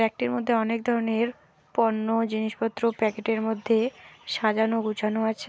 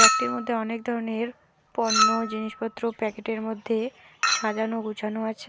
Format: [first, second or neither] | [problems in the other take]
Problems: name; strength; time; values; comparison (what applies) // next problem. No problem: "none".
first | background sound (Chink, clink); 1 dB above the speech